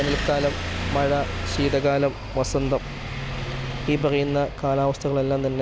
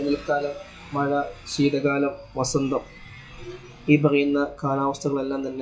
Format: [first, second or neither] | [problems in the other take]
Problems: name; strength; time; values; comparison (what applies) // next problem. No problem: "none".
first | noise reduction (classical method WPE with log-MMSE)